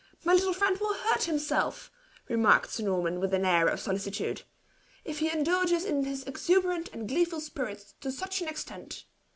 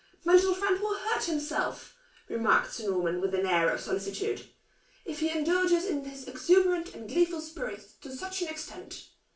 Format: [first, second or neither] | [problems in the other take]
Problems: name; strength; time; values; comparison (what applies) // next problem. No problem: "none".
first | room echo; dies away in 0.3 s